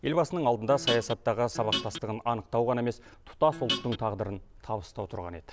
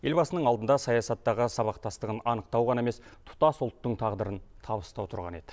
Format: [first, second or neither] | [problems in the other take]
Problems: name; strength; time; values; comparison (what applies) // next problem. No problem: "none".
second | background sound (Guitar); 3 dB below the speech